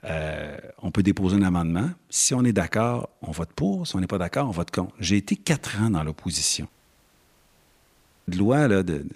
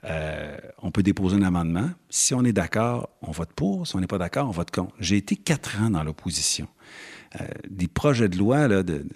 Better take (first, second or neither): second